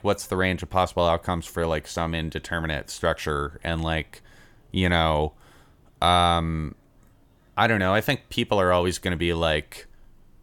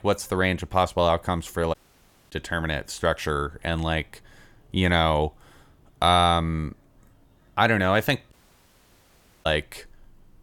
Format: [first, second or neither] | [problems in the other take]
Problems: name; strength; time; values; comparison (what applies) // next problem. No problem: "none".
first | audio cutting out; at 1.5 s for 0.5 s and at 8.5 s for 1 s